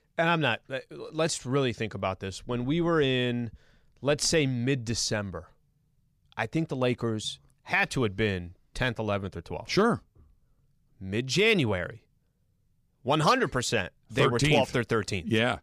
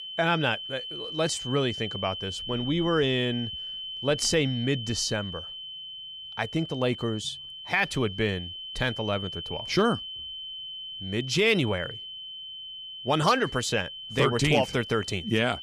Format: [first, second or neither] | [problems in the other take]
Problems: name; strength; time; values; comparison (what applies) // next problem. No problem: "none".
first | high-pitched whine; loud; throughout; 3 kHz, 8 dB below the speech